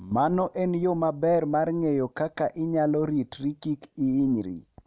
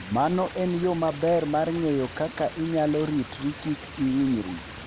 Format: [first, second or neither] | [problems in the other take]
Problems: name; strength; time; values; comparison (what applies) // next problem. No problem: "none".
first | background sound (Stream); 14 dB below the speech